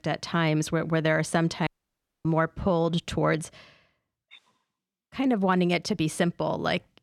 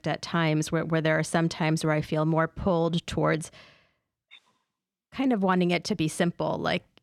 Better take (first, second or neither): second